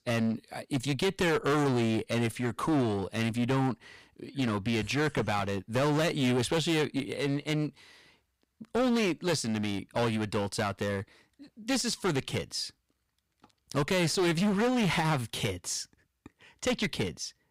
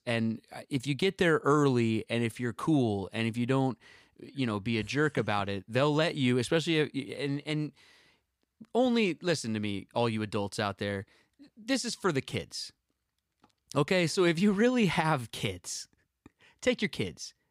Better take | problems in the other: second | distortion; heavy; 14% of the sound clipped

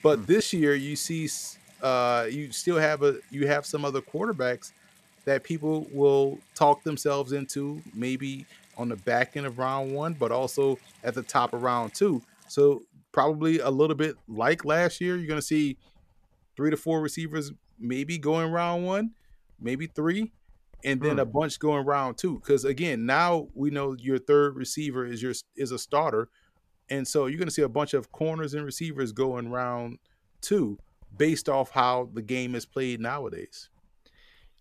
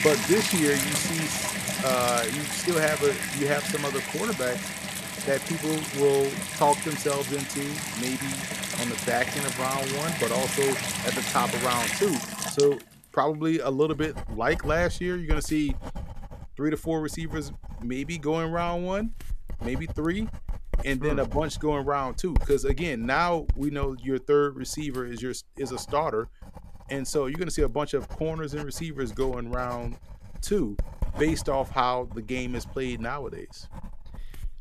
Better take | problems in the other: first | household noises; loud; throughout; 3 dB below the speech; faint in the first

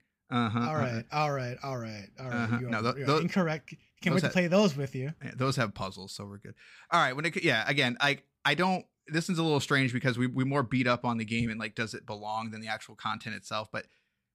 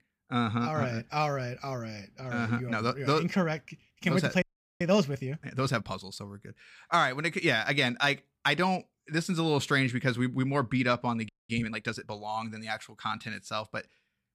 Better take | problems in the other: first | audio freezing; at 4.5 s and at 11 s

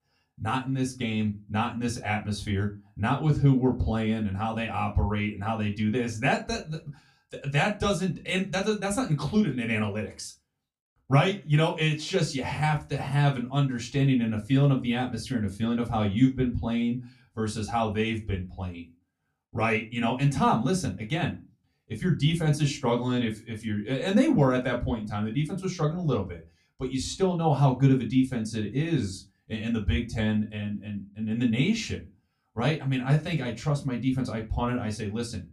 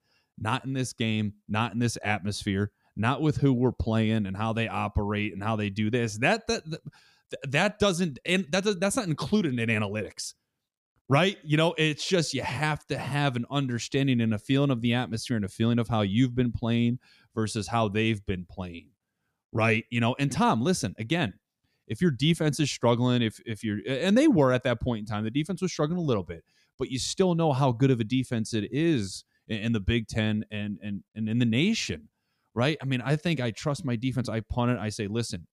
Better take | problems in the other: second | off-mic speech; somewhat distant // room echo; very slight; dies away in 0.2 s

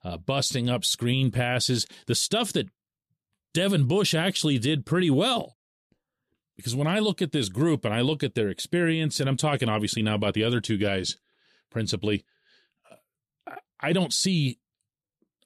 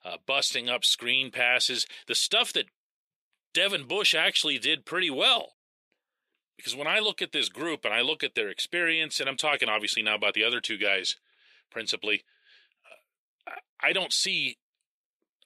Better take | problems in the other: first | thin; very; fading below 500 Hz

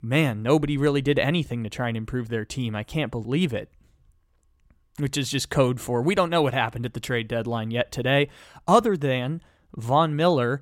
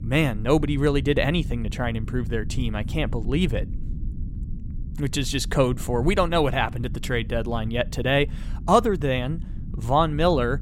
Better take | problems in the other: first | low rumble; faint; throughout; 20 dB below the speech

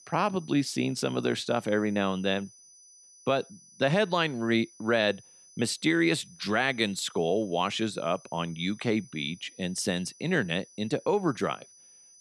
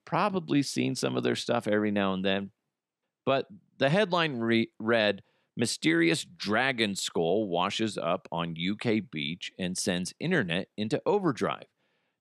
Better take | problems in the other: second | high-pitched whine; faint; throughout; 6 kHz, 25 dB below the speech

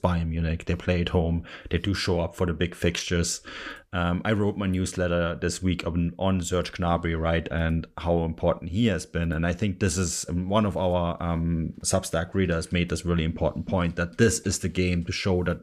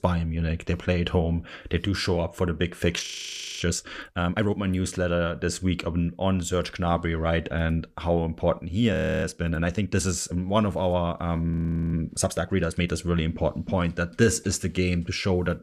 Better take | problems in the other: first | audio freezing; at 3 s for 0.5 s, at 9 s and at 12 s

